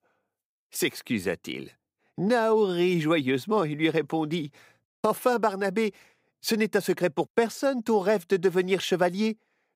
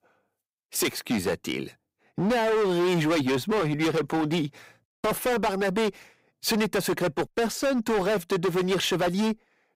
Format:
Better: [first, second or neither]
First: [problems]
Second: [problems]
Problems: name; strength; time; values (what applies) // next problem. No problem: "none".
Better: first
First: none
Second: distortion; heavy; 20% of the sound clipped